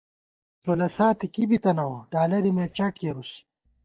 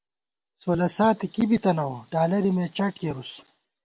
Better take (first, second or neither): second